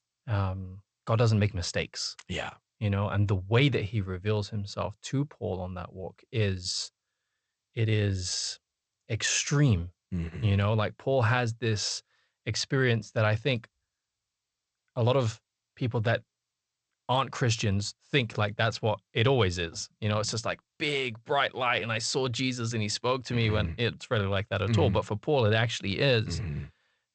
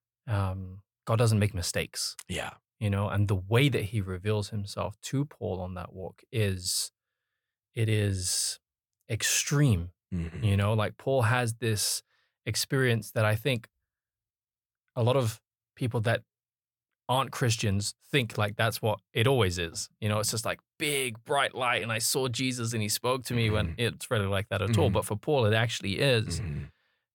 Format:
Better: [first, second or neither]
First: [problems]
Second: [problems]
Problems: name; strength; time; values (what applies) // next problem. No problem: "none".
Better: second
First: garbled, watery; slightly; nothing above 8 kHz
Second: none